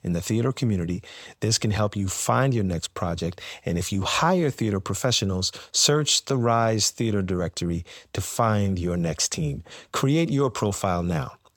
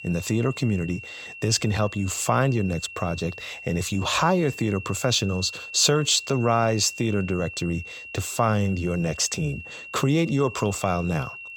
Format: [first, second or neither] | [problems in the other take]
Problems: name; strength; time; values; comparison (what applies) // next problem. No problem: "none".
first | high-pitched whine; noticeable; throughout; 2.5 kHz, 15 dB below the speech